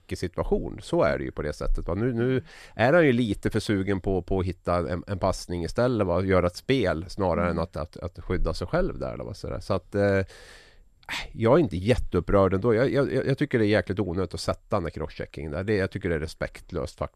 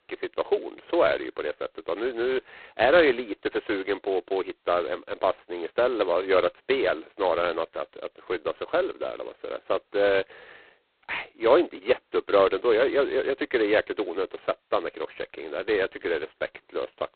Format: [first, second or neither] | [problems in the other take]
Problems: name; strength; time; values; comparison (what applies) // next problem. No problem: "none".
first | phone-call audio; poor line; nothing above 4 kHz